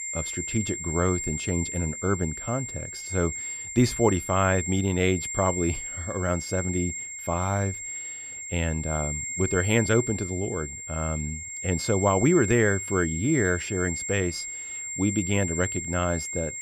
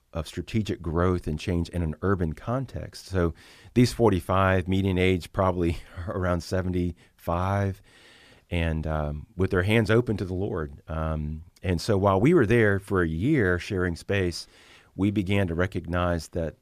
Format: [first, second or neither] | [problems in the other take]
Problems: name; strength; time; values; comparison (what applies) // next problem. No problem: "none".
second | high-pitched whine; loud; throughout; 7.5 kHz, 5 dB below the speech